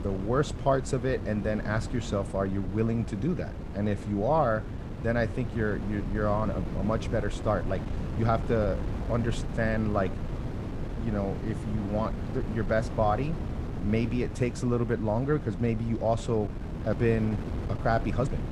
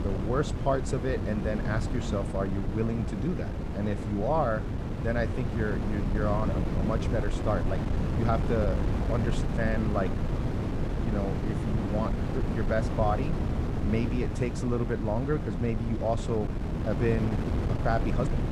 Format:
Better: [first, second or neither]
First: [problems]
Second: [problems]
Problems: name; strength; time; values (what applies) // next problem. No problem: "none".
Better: first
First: wind noise on the microphone; occasional gusts; 10 dB below the speech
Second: wind noise on the microphone; heavy; 5 dB below the speech